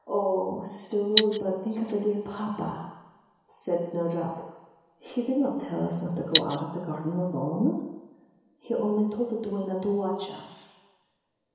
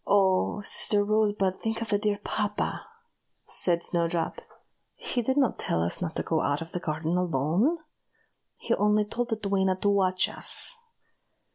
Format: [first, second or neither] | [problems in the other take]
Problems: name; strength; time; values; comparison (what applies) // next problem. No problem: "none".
second | background sound (Cutlery, silverware); 2 dB above the speech // room echo; dies away in 1 s